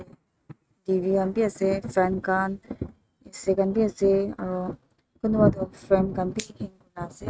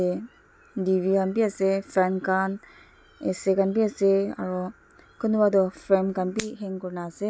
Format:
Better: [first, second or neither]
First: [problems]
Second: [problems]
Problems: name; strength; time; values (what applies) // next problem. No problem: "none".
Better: second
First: noise reduction (neural mask model RNNoise)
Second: none